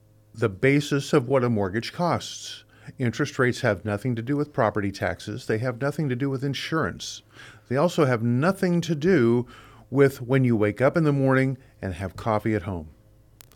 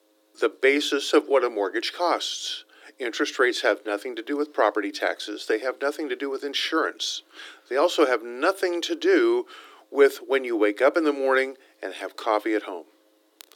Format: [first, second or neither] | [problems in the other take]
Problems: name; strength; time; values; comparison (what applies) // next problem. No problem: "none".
first | thin; somewhat; fading below 300 Hz